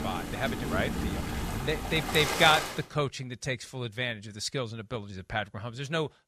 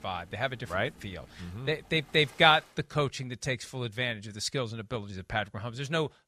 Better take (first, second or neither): second